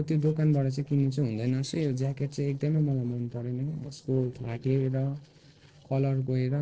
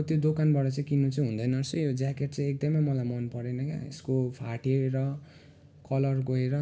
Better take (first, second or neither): second